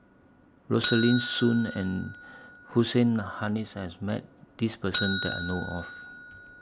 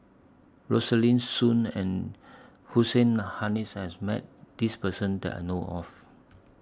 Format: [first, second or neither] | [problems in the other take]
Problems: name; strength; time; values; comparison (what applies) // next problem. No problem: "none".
second | background sound (Bell); 9 dB below the speech